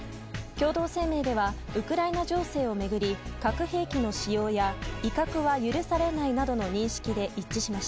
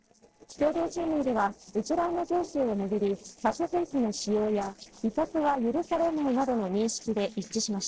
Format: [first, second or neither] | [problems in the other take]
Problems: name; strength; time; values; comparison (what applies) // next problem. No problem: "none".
first | noise reduction (neural separator model SepFormer DNS4)